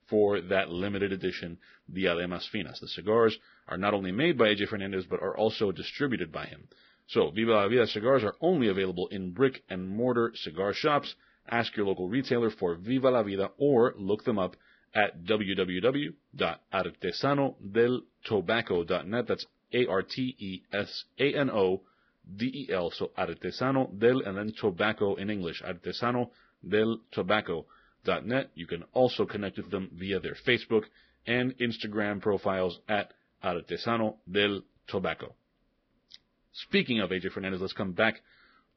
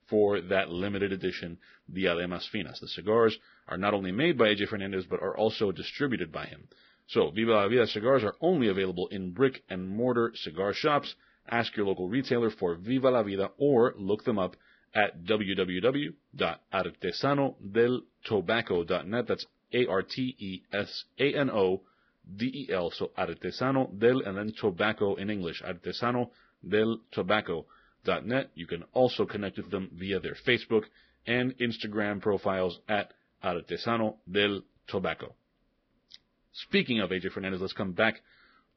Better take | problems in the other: neither | garbled, watery; badly; nothing above 5.5 kHz; the same in both

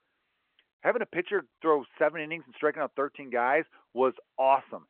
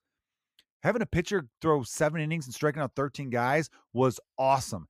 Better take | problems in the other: second | phone-call audio

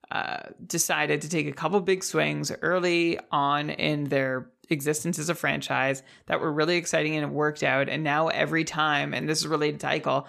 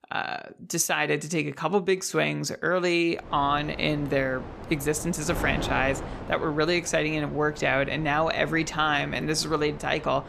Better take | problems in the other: first | wind noise on the microphone; occasional gusts; from 3 s on; 15 dB below the speech

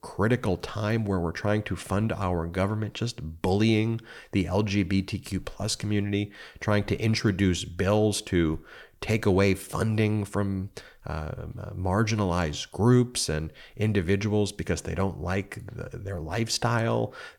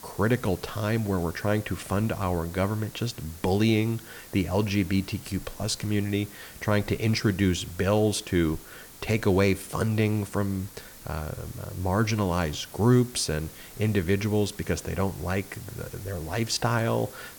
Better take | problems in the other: first | hiss; noticeable; throughout; 15 dB below the speech

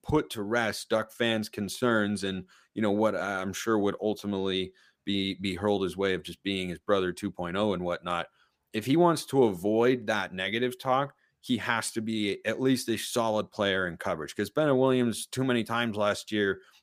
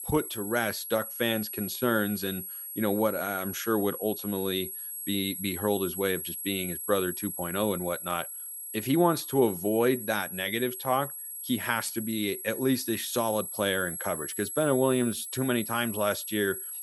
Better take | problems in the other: first | high-pitched whine; loud; throughout; 11.5 kHz, 6 dB below the speech

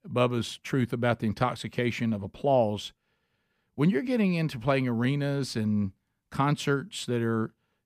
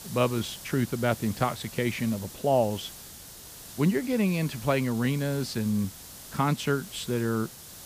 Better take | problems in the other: first | hiss; noticeable; throughout; 15 dB below the speech

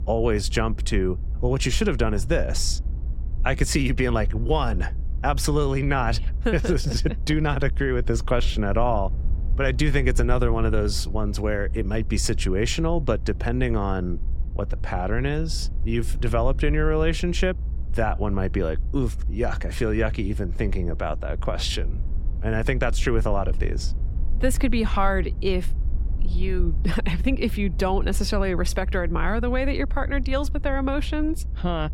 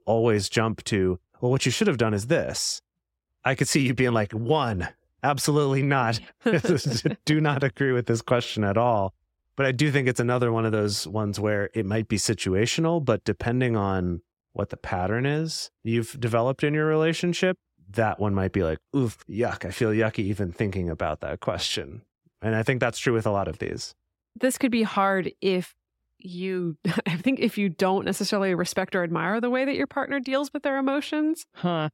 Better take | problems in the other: second | low rumble; faint; throughout; 20 dB below the speech

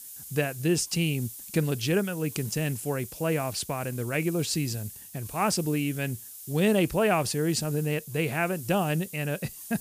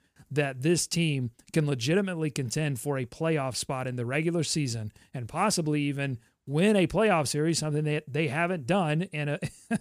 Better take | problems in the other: second | hiss; noticeable; throughout; 15 dB below the speech

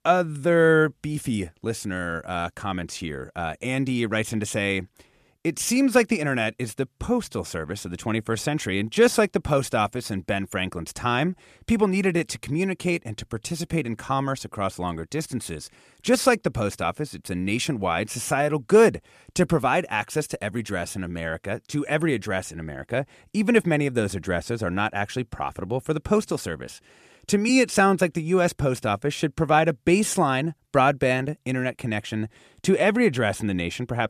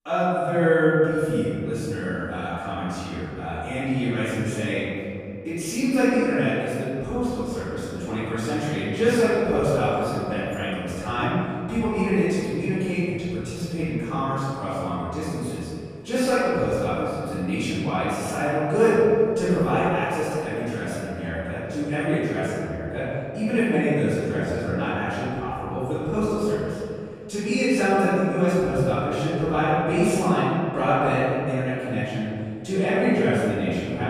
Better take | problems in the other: first | off-mic speech; far // room echo; strong; dies away in 2.4 s

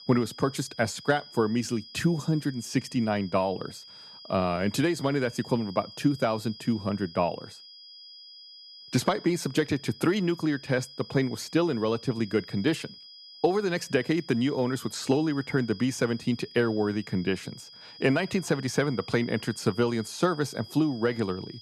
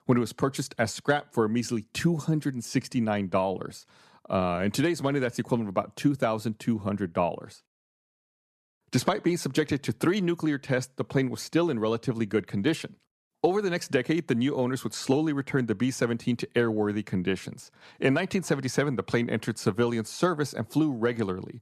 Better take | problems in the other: second | high-pitched whine; noticeable; throughout; 5 kHz, 15 dB below the speech

